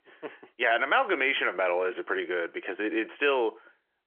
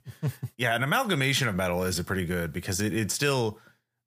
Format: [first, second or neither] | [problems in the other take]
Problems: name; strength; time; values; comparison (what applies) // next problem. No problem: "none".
second | phone-call audio; nothing above 3.5 kHz